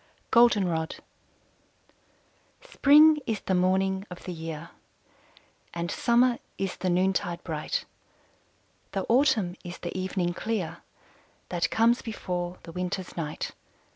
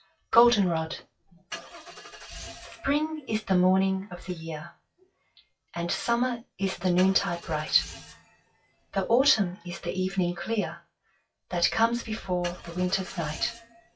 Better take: first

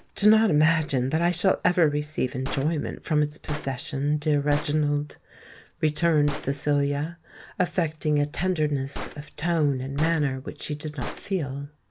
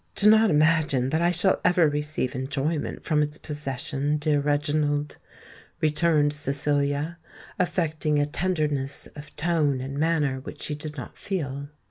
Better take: second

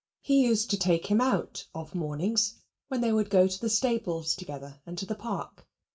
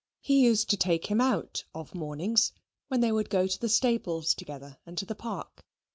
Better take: second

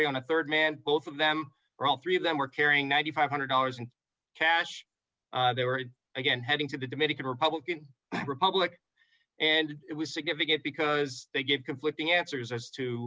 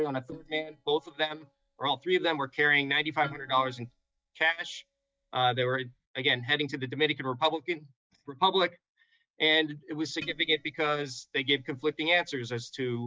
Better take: first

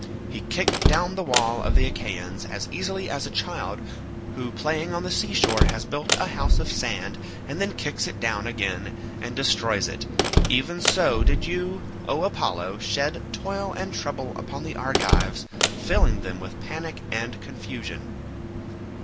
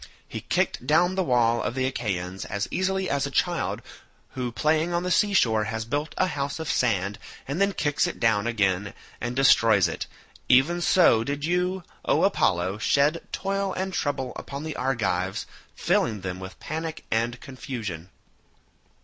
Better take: second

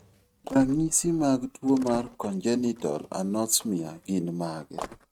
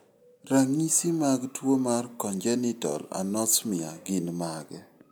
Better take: second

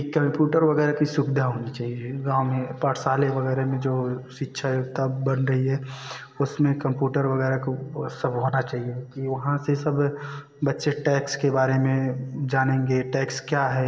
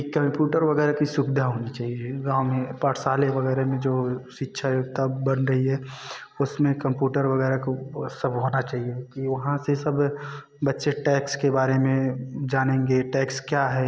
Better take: second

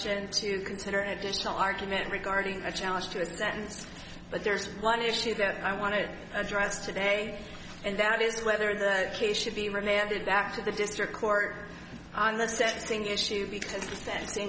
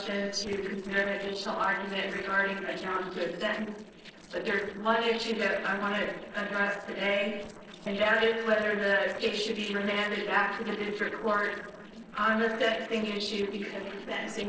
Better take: first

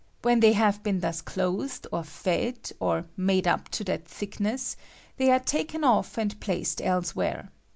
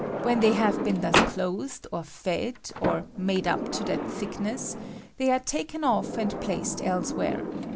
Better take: first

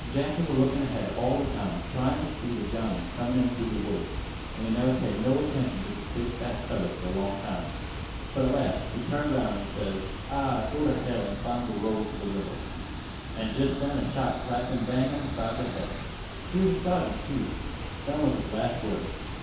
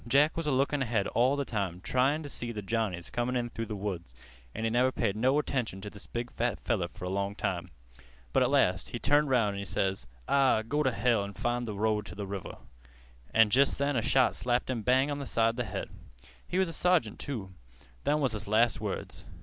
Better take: second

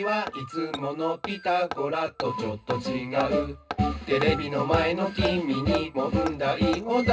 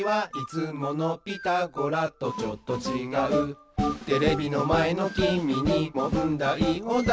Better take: second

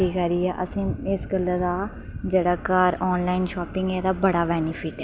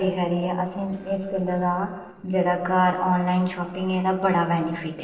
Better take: first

